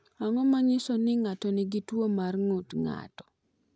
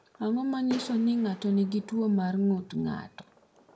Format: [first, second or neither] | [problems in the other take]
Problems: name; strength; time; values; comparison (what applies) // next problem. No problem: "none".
first | background sound (Fireworks); 20 dB below the speech // room echo; dies away in 0.2 s